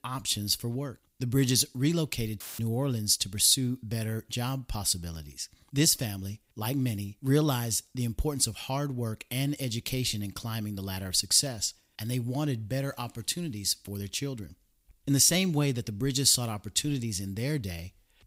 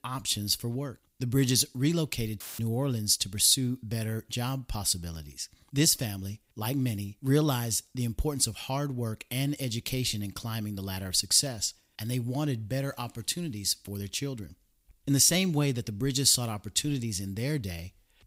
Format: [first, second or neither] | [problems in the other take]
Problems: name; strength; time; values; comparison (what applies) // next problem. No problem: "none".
neither | audio cutting out; filled with static; at 2.5 s; the same in both